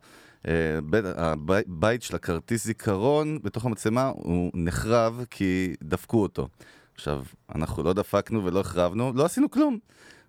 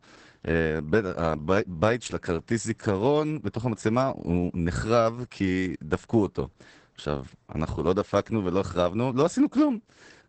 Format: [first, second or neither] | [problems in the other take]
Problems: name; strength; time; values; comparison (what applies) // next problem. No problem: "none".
first | garbled, watery; badly; nothing above 8 kHz